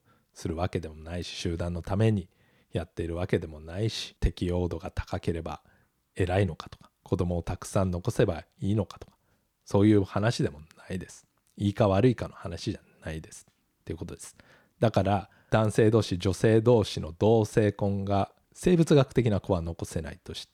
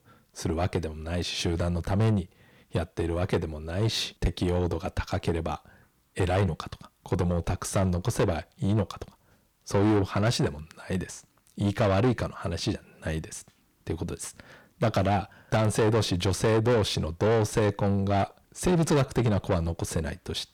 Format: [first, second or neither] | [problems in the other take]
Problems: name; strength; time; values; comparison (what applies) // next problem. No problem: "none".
first | distortion; heavy; 7 dB below the speech